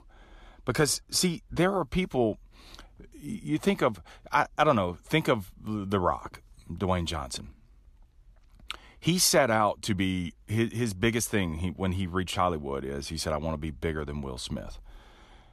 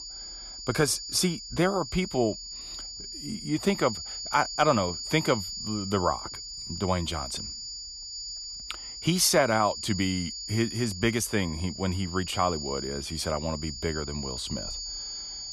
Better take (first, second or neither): first